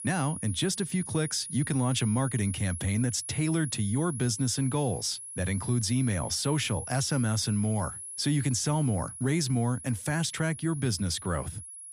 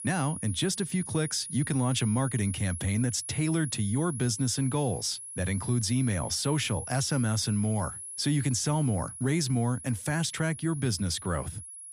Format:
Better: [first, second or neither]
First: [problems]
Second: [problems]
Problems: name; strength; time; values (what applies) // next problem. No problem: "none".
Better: neither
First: high-pitched whine; loud; throughout; 10.5 kHz, 9 dB below the speech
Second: high-pitched whine; loud; throughout; 10.5 kHz, 9 dB below the speech